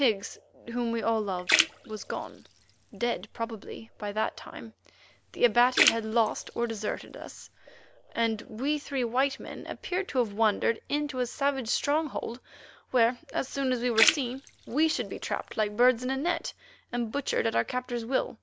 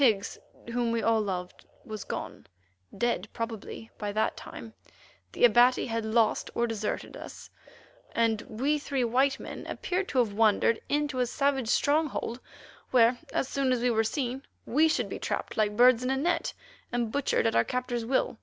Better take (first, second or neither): second